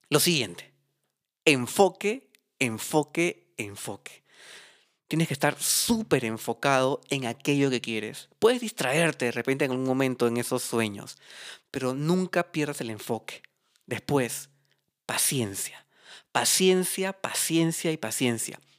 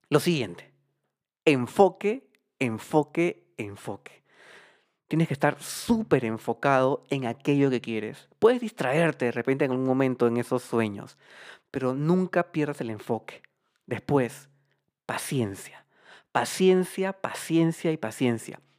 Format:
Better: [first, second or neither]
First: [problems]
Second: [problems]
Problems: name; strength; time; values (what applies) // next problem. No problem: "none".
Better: first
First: none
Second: muffled; slightly; fading above 2.5 kHz